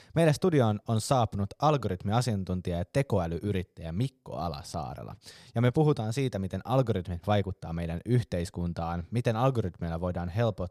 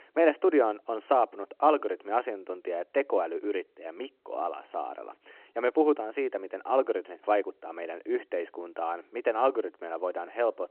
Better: first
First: none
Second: phone-call audio

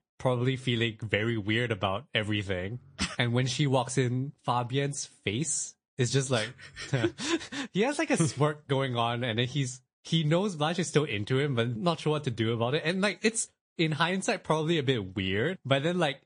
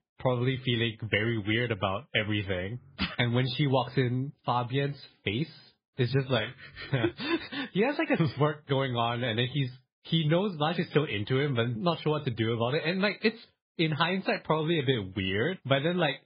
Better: first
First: garbled, watery; slightly; nothing above 10 kHz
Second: garbled, watery; badly; nothing above 4 kHz

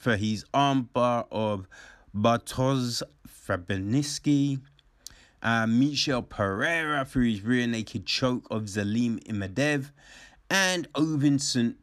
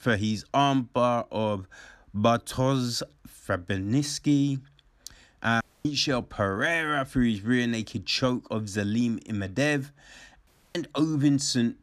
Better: first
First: none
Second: audio cutting out; at 5.5 s and at 10 s

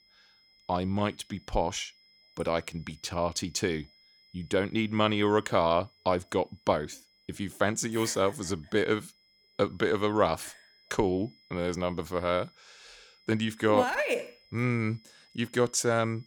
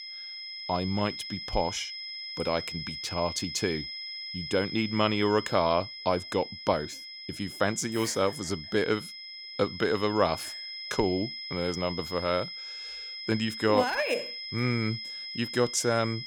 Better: first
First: high-pitched whine; faint; throughout; 5 kHz, 30 dB below the speech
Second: high-pitched whine; loud; throughout; 5 kHz, 8 dB below the speech

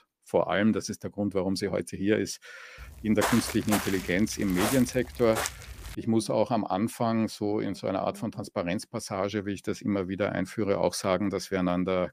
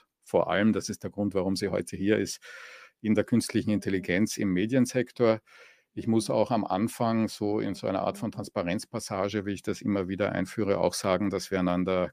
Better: second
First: footsteps; noticeable; from 3 to 6 s; peak 1 dB below the speech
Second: none

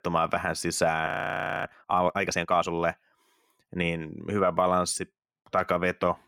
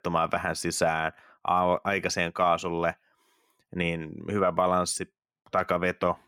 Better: second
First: audio freezing; at 1 s for 0.5 s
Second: none

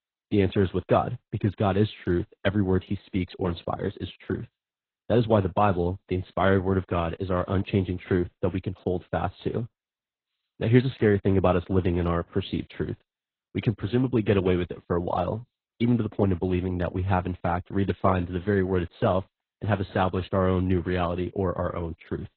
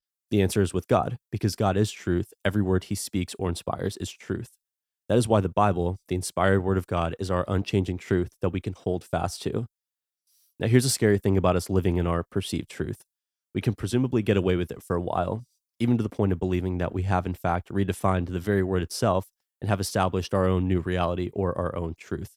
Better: second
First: garbled, watery; badly; nothing above 4 kHz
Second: none

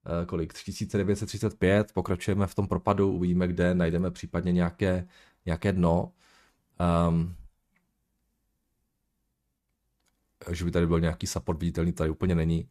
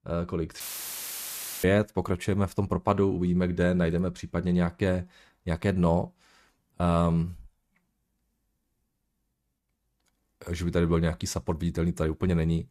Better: first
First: none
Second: audio cutting out; filled with static; at 0.5 s for 1 s

